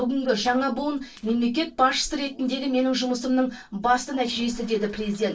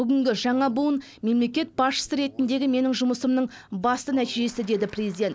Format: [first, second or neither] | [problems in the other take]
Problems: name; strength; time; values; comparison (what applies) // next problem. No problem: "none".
second | noise reduction (neural separator model SepFormer DNS4)